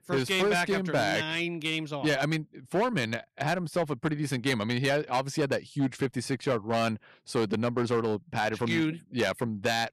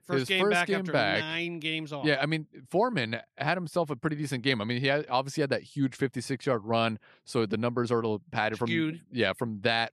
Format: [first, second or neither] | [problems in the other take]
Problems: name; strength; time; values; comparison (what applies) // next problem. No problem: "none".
second | distortion; slight; 8% of the sound clipped